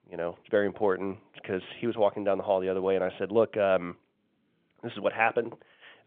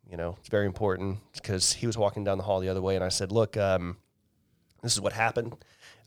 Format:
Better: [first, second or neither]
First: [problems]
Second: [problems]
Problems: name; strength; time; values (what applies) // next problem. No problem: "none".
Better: second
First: phone-call audio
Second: none